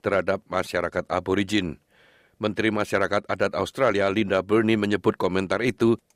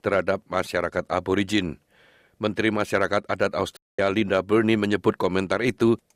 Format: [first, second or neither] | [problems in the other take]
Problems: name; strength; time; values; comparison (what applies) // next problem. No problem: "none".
first | audio cutting out; at 4 s